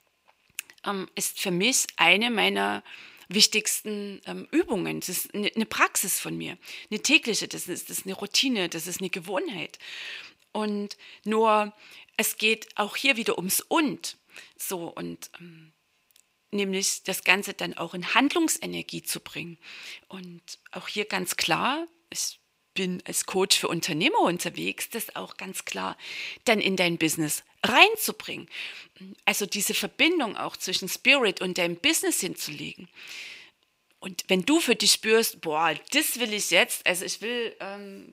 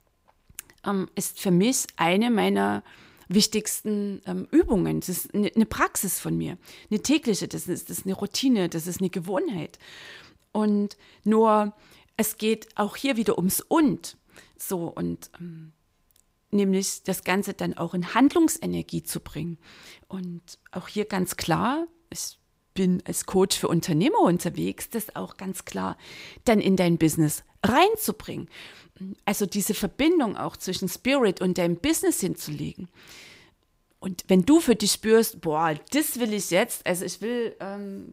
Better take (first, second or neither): second